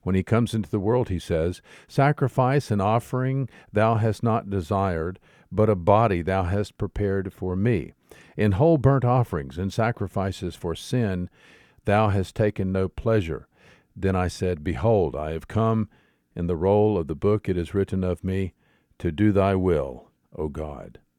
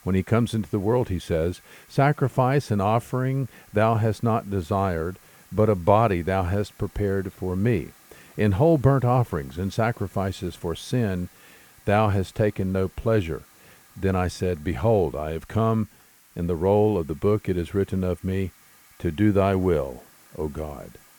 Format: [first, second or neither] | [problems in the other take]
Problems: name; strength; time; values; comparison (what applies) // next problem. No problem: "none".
first | hiss; faint; throughout; 25 dB below the speech